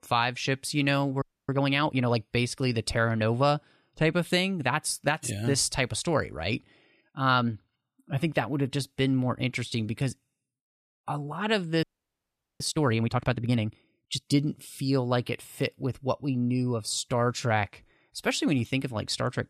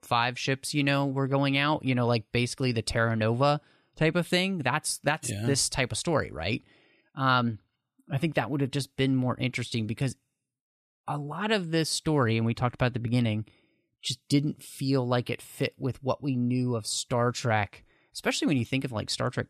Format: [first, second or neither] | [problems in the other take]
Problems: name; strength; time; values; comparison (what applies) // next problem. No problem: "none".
second | audio freezing; at 1 s and at 12 s for 1 s